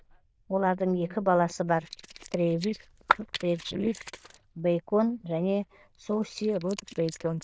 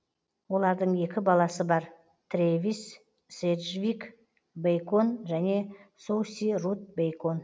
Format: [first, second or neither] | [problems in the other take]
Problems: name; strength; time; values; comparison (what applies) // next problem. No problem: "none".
second | noise reduction (neural diffusion model UNIVERSE++)